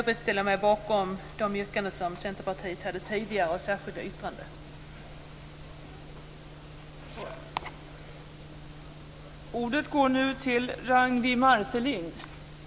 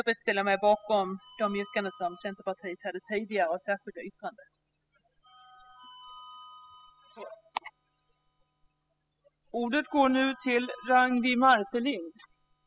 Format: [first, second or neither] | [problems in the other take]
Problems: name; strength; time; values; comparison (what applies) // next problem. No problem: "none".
first | noise reduction (classical method spectral subtraction)